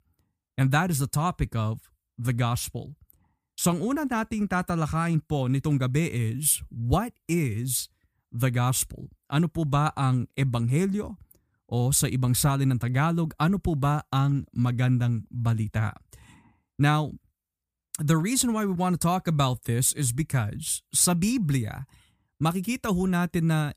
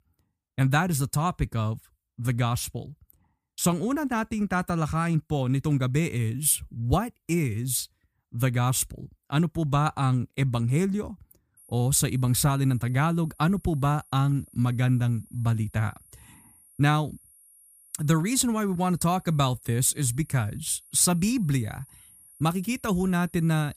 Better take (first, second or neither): first